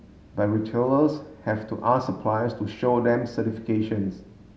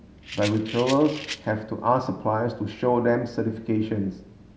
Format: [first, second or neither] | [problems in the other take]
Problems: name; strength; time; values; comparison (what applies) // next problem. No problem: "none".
first | background sound (Rattle); 12 dB below the speech